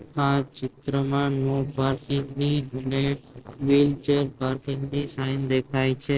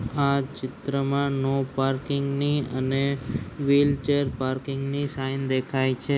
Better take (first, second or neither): second